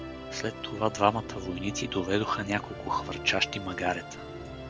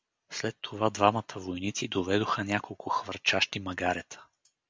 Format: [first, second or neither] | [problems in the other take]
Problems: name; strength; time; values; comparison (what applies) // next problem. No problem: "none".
second | background sound (Musical instrument); 9 dB below the speech